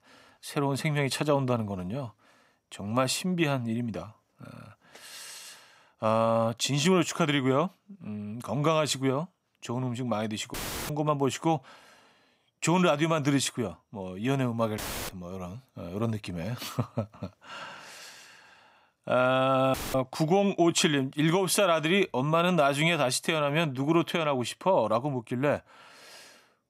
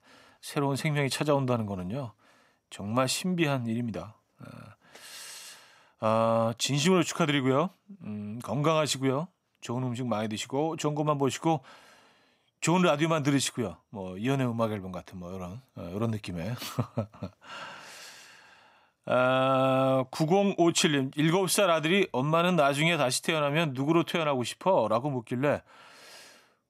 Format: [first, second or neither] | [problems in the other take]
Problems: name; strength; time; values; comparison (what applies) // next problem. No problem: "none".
second | audio cutting out; filled with static; at 11 s, at 15 s and at 20 s